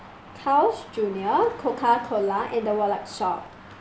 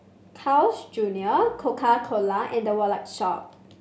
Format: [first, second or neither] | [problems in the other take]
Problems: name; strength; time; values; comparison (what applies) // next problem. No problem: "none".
second | background sound (Traffic noise, roadway noise); 19 dB below the speech